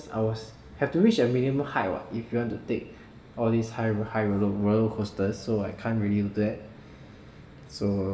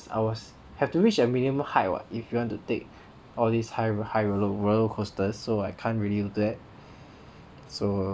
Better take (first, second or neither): second